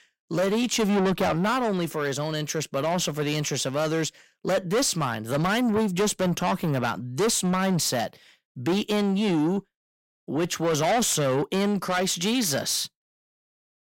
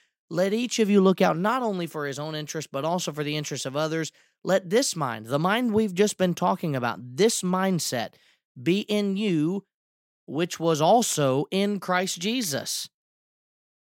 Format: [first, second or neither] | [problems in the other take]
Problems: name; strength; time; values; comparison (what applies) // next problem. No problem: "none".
second | distortion; heavy; 6 dB below the speech